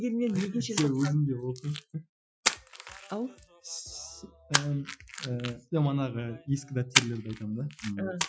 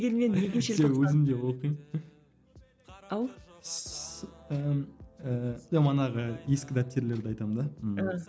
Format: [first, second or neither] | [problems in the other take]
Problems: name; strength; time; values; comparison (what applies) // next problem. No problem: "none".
second | noise reduction (classical method Wiener filter)